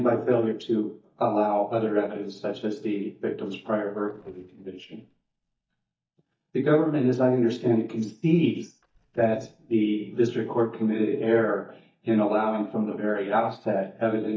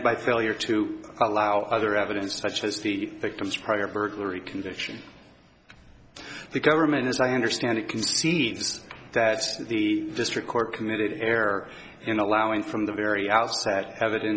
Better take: second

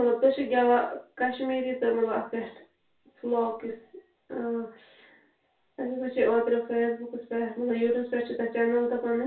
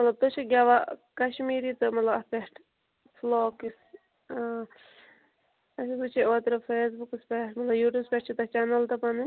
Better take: second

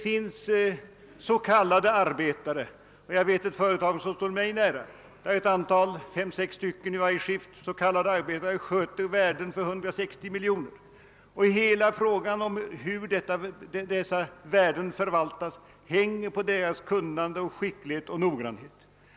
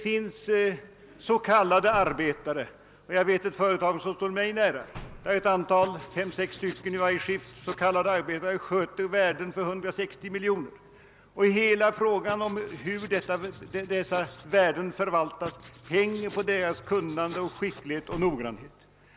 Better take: first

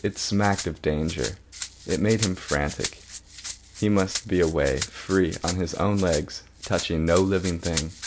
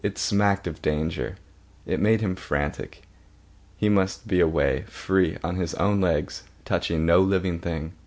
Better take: second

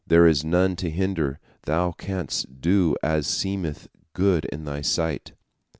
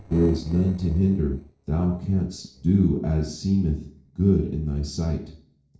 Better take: first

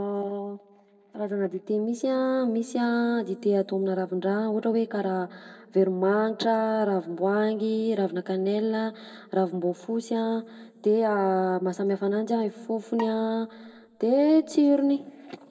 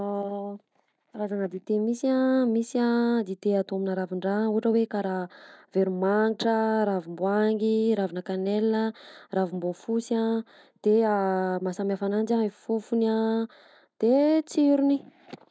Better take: second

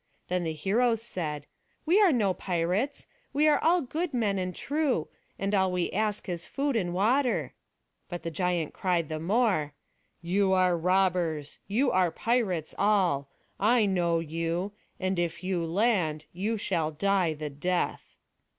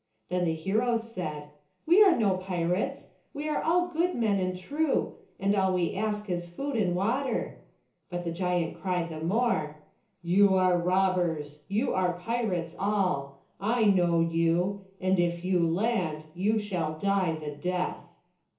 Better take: first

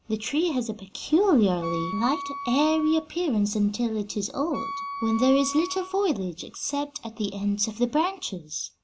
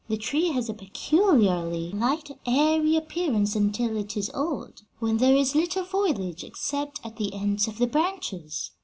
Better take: second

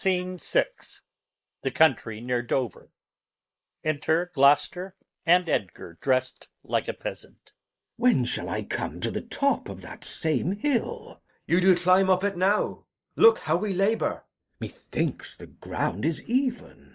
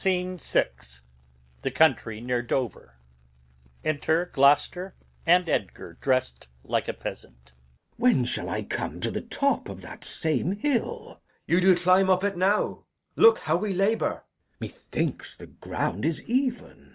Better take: second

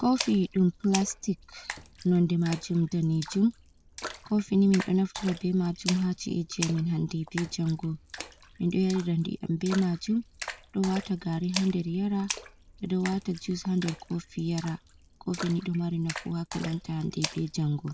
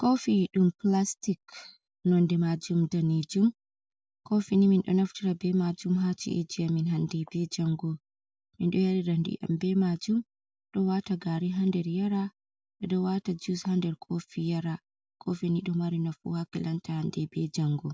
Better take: second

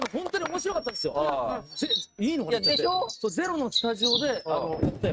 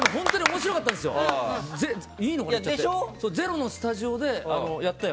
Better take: second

